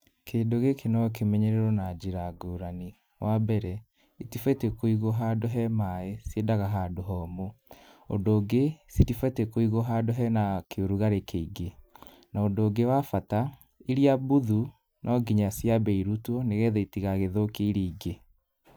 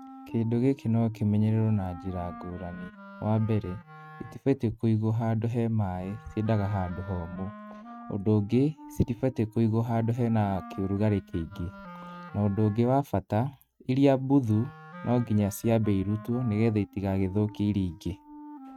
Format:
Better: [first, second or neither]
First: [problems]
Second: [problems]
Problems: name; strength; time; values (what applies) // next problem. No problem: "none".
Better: first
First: none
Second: noise reduction (neural mask model RNNoise)